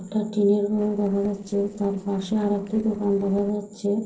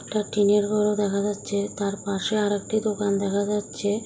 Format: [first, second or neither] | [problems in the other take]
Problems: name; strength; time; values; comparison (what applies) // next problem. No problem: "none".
second | noise reduction (neural separator model SepFormer DNS4)